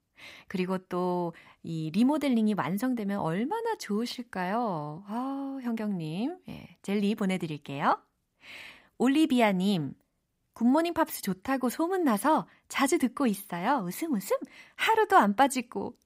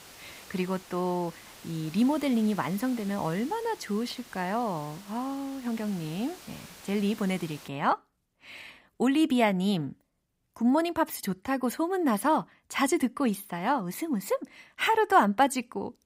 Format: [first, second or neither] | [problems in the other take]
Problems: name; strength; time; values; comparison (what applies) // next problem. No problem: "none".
first | hiss; noticeable; until 7.5 s; 20 dB below the speech